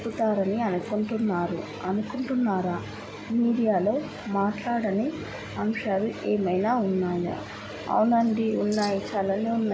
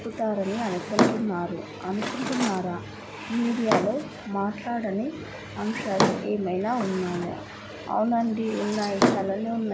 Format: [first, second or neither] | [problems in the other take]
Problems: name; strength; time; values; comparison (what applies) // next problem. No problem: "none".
first | background sound (Drawer open or close); 3 dB below the speech